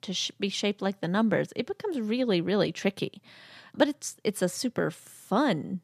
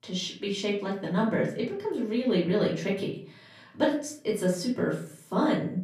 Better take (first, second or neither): first